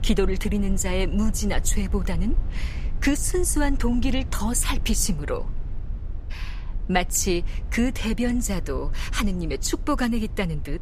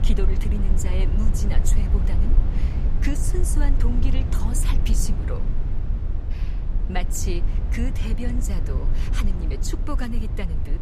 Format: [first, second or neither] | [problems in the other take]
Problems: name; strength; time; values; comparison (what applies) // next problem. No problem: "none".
first | low rumble; loud; throughout; 5 dB below the speech; faint in the first